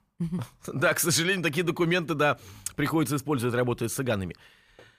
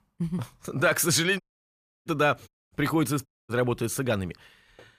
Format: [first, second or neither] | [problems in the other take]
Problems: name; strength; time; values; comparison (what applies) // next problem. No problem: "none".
first | audio cutting out; at 1.5 s for 0.5 s, at 2.5 s and at 3.5 s